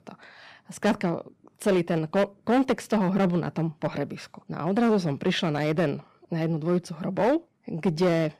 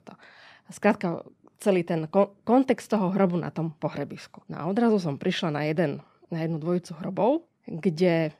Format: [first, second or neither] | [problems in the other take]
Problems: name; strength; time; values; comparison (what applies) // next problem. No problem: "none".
second | distortion; slight; 6% of the sound clipped